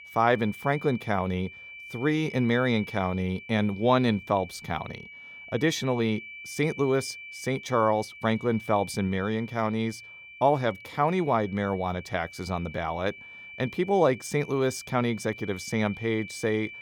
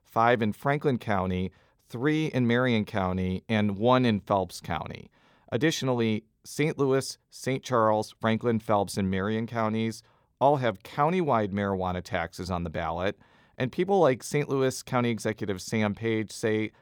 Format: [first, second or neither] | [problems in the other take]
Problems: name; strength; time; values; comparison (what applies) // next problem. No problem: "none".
second | high-pitched whine; noticeable; throughout; 2.5 kHz, 15 dB below the speech